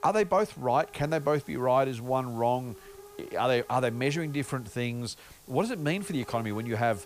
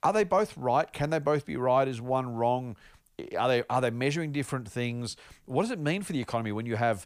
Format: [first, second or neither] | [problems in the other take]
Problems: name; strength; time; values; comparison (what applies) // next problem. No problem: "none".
second | hiss; faint; throughout; 20 dB below the speech